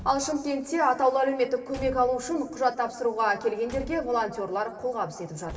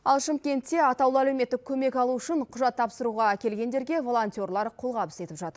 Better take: second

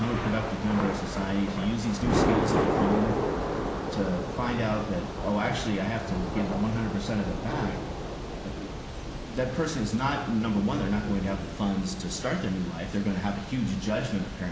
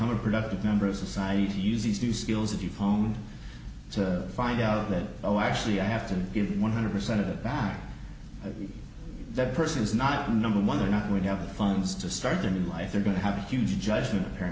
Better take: second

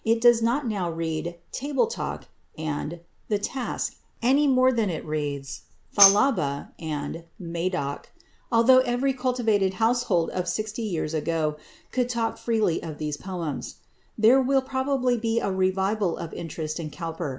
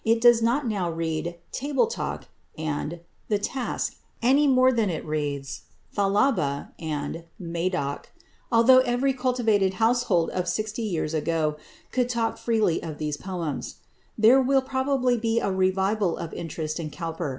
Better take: second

